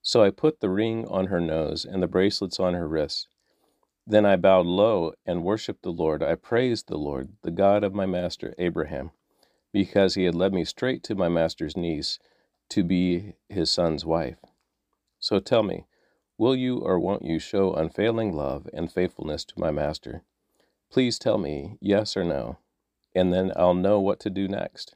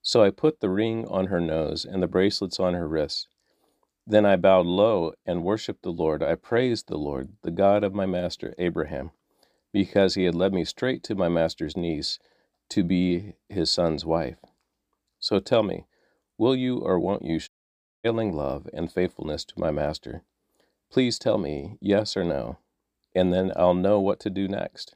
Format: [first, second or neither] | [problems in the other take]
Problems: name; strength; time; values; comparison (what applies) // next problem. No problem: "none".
first | audio cutting out; at 17 s for 0.5 s